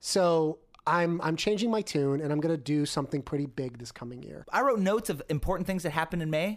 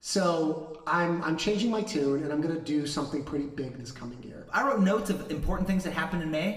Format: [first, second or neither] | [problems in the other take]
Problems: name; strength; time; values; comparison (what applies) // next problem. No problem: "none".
first | room echo; slight; dies away in 1 s // off-mic speech; somewhat distant